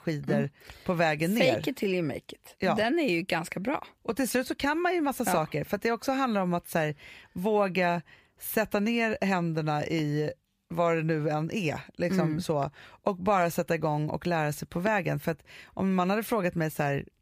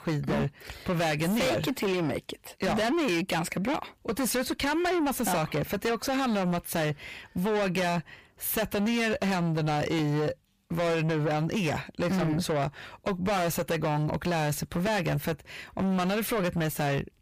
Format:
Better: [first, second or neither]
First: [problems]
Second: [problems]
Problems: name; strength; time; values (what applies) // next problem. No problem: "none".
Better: first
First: none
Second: distortion; heavy; 6 dB below the speech